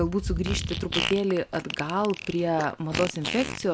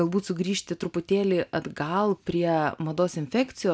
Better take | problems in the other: second | background sound (Fart); 6 dB below the speech

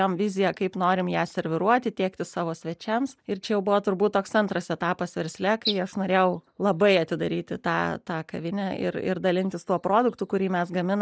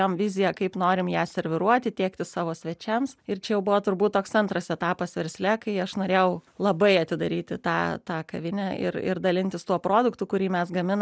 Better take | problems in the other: second | noise reduction (neural mask model DeepFilterNet 3)

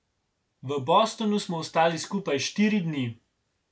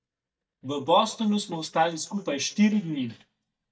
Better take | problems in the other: first | noise reduction (neural mask model DeepFilterNet 3)

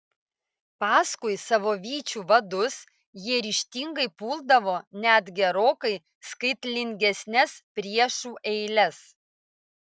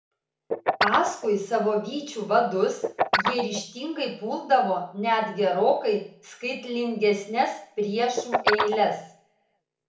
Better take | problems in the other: first | background sound (Guitar); 4 dB below the speech // room echo; dies away in 0.7 s

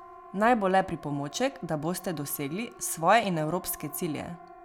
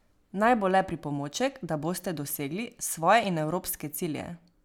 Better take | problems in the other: second | background sound (Siren); 19 dB below the speech

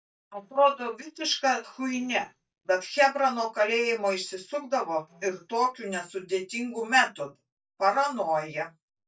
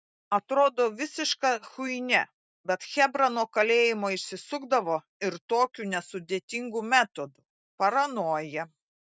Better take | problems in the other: second | noise reduction (neural mask model DeepFilterNet 3)

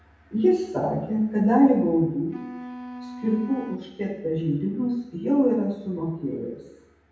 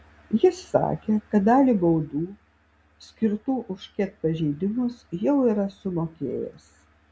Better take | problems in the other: second | background sound (Wind instrument, woodwind instrument); 15 dB below the speech // room echo; dies away in 0.8 s

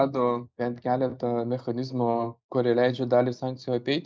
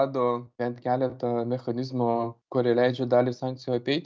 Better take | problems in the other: second | noise reduction (neural mask model Resemble Enhance denoiser)

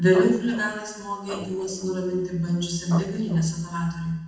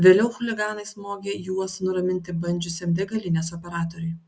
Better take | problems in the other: second | noise reduction (neural separator model SepFormer DNS4)

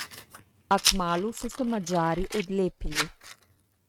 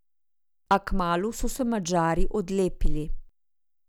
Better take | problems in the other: second | noise reduction (neural mask model RNNoise)

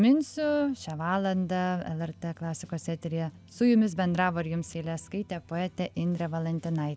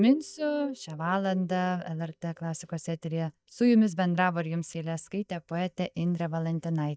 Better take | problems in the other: first | noise reduction (neural mask model DeepFilterNet 3)

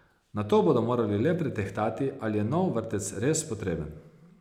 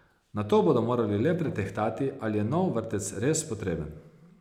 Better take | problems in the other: first | background sound (Bowed string instrument); 18 dB below the speech

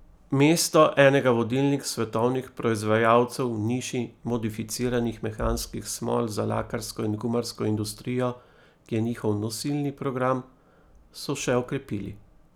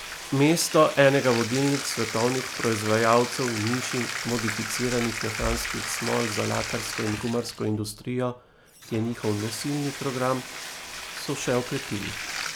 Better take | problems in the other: first | background sound (Bathtub (filling or washing)); 8 dB below the speech

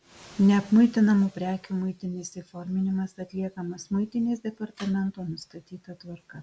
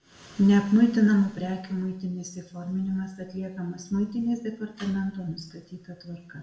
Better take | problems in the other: first | room echo; dies away in 0.7 s

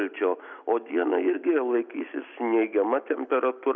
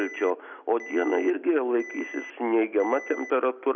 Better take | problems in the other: first | background sound (Alarm); 17 dB below the speech

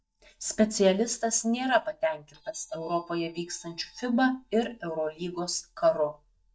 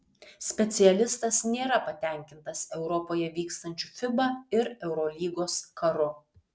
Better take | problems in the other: second | noise reduction (neural mask model DeepFilterNet 3)

